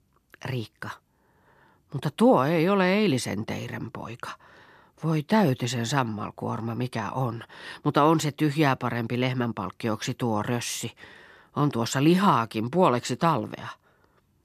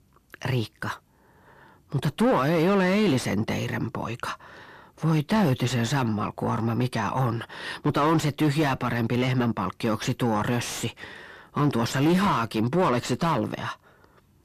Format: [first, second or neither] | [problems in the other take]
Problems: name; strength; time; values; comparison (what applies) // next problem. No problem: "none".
first | distortion; heavy; 6 dB below the speech